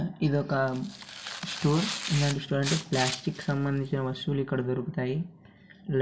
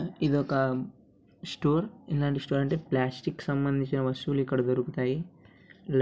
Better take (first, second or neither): second